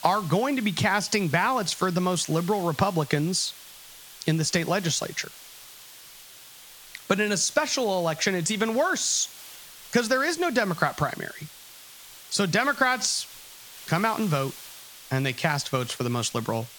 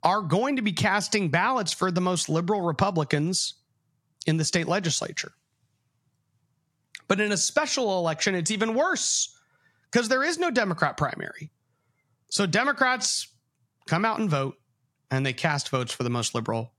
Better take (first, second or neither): second